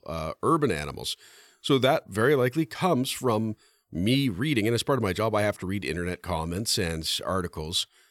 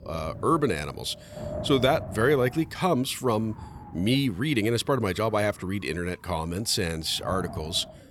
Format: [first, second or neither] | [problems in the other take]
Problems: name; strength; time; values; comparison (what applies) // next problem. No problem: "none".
first | wind noise on the microphone; occasional gusts; 15 dB below the speech